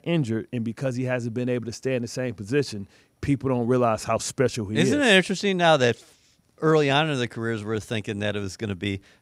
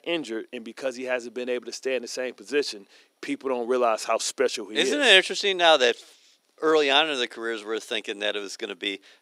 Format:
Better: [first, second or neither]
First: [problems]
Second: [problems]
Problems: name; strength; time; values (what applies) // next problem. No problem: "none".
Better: first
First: none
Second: thin; somewhat; fading below 300 Hz